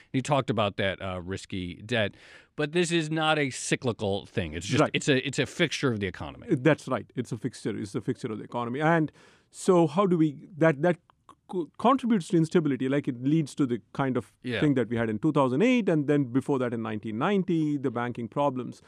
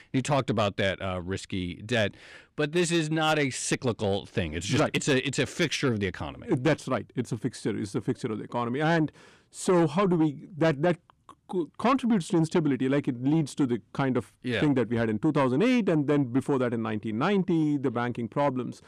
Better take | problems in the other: first | distortion; slight; 10 dB below the speech

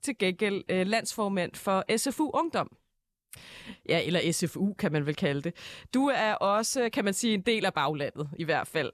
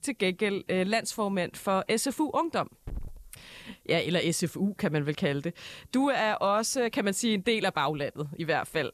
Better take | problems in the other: first | hiss; faint; throughout; 25 dB below the speech

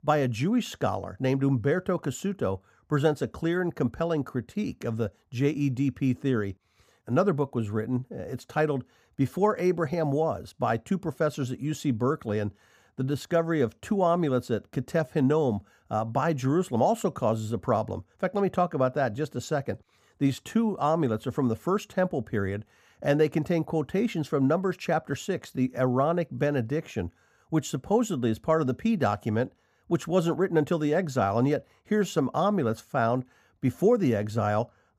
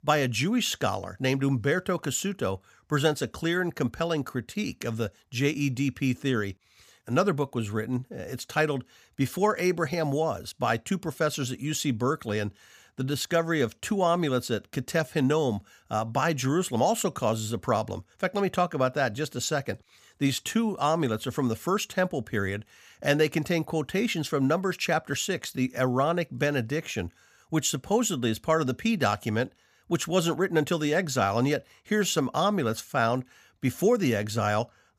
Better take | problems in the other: second | muffled; slightly; fading above 1.5 kHz

